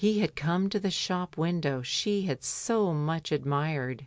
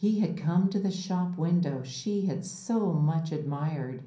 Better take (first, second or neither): first